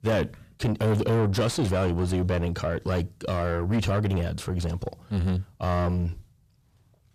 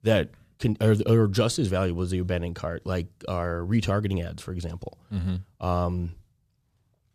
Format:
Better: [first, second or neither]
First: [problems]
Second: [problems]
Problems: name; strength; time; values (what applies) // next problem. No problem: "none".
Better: second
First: distortion; heavy; 7 dB below the speech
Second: none